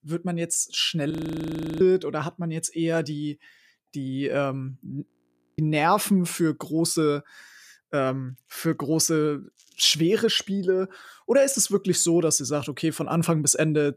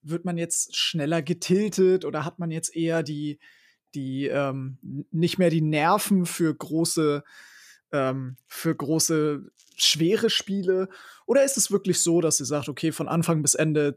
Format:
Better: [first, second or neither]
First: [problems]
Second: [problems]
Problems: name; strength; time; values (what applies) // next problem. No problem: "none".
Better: second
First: audio freezing; at 1 s for 0.5 s and at 5 s for 0.5 s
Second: none